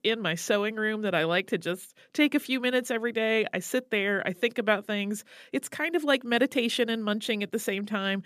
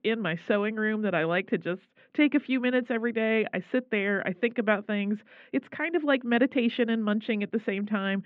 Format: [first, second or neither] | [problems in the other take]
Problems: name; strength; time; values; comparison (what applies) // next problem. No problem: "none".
first | muffled; very; fading above 2.5 kHz